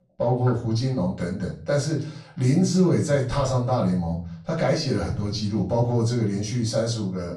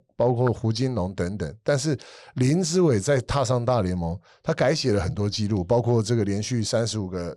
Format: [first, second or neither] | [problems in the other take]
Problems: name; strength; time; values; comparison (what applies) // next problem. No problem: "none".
second | off-mic speech; far // room echo; slight; dies away in 0.4 s